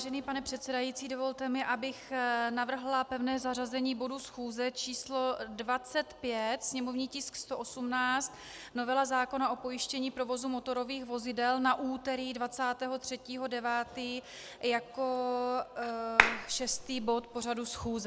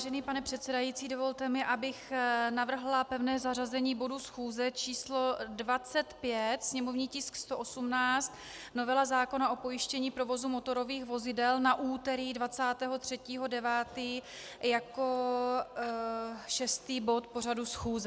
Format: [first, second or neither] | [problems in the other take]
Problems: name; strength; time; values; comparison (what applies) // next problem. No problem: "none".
second | background sound (Clapping); 3 dB above the speech